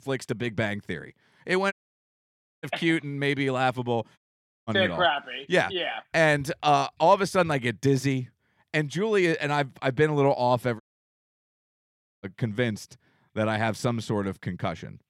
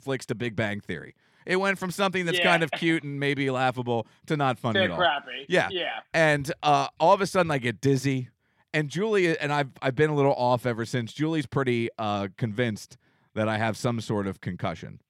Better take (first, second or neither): second